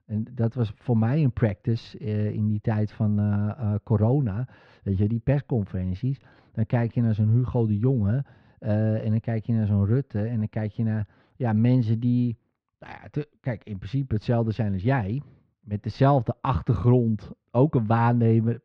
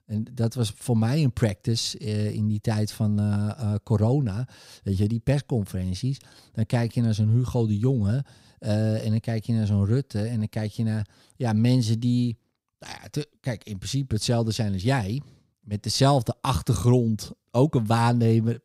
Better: second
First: muffled; very; fading above 2.5 kHz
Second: none

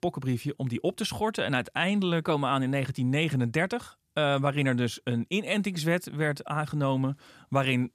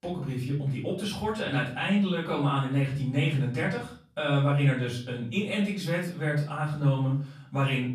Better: first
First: none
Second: off-mic speech; far // room echo; noticeable; dies away in 0.4 s

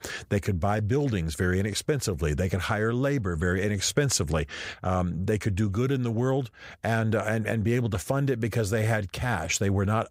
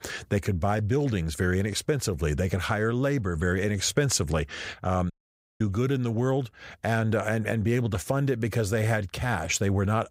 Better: first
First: none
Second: audio cutting out; at 5 s for 0.5 s

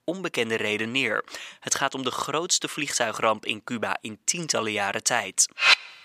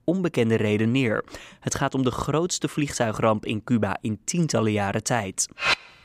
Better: second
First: thin; somewhat; fading below 1 kHz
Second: none

